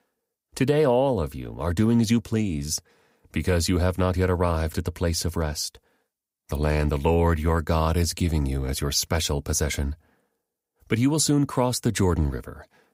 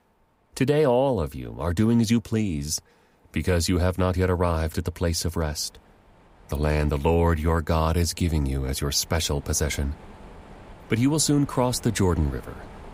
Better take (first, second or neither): first